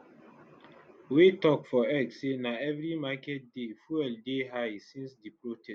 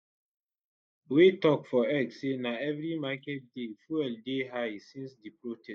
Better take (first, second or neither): first